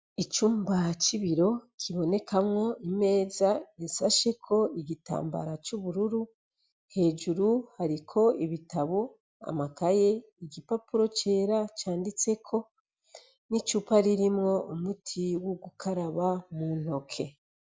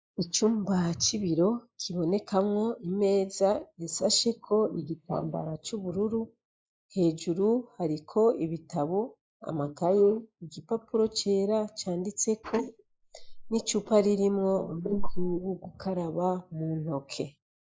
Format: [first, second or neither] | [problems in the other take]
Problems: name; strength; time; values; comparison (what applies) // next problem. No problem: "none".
first | noise reduction (neural mask model Resemble Enhance denoiser)